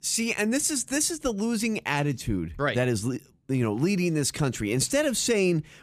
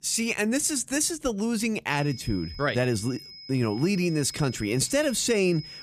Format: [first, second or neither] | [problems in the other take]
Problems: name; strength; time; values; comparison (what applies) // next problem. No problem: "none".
first | high-pitched whine; noticeable; from 2 s on; 5 kHz, 15 dB below the speech